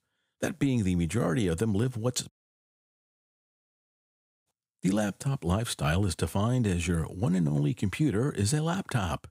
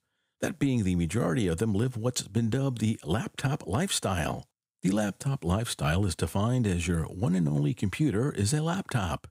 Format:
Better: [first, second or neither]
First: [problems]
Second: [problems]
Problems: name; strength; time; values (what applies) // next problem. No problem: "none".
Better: second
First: audio cutting out; at 2.5 s for 2 s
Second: none